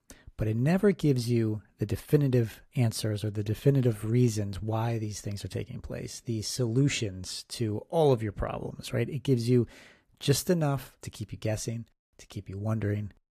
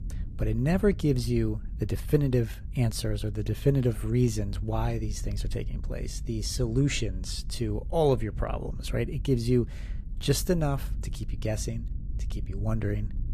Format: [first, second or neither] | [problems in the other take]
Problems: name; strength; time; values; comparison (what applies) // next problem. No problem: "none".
first | low rumble; faint; throughout; 20 dB below the speech